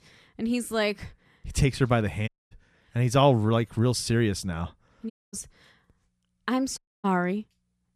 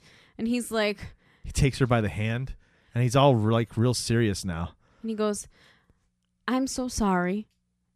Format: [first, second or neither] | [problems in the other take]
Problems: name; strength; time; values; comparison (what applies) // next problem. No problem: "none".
second | audio cutting out; at 2.5 s, at 5 s and at 7 s